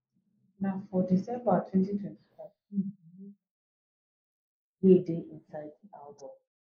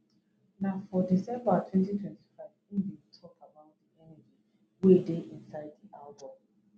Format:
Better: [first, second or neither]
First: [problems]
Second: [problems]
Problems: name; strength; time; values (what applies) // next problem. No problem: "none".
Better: second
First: noise reduction (neural mask model Resemble Enhance denoiser)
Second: none